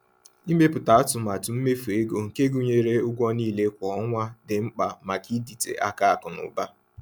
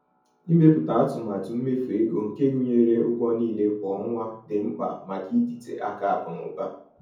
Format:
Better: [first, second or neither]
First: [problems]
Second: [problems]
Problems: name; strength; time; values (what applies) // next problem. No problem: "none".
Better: first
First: none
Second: room echo; dies away in 0.6 s